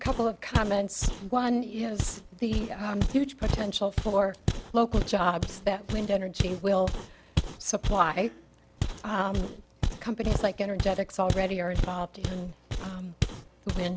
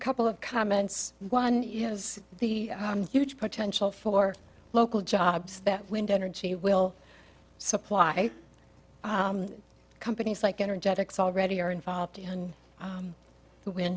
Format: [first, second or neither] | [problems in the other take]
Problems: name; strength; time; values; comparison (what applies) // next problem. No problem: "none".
second | background sound (Walk, footsteps); 3 dB below the speech